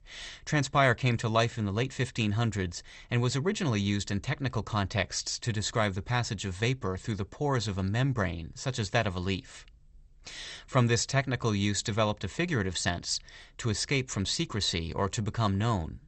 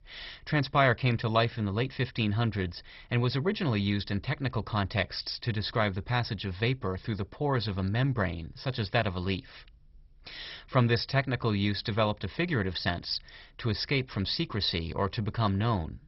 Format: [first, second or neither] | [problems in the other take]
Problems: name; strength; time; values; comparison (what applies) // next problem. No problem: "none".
first | garbled, watery; badly; nothing above 5.5 kHz; slightly in the first